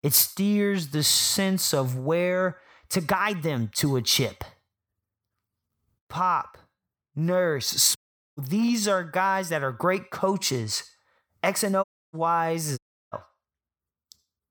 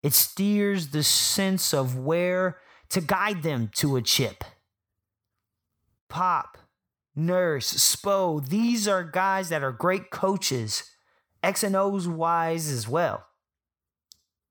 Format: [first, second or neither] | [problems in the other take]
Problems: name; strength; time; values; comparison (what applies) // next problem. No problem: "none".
second | audio cutting out; at 8 s, at 12 s and at 13 s